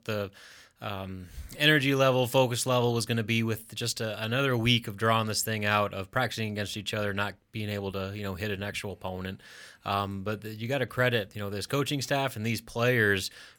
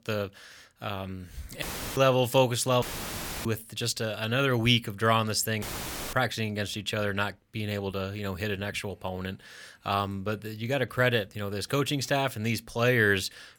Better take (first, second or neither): first